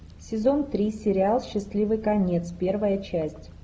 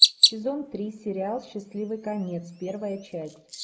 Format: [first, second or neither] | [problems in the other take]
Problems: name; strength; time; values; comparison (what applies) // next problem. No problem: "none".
first | noise reduction (neural mask model Resemble Enhance denoiser)